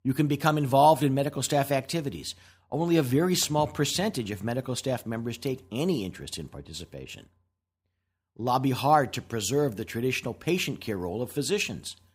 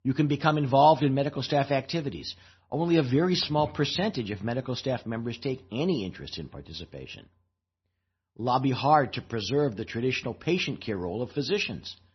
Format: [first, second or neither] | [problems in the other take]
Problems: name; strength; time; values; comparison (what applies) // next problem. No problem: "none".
first | garbled, watery; slightly; nothing above 6 kHz